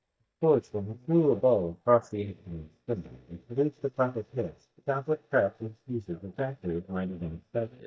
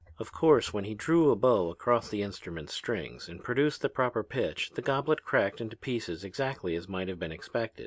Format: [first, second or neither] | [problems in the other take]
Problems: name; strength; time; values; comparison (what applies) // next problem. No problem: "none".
second | noise reduction (neural mask model DeepFilterNet 3)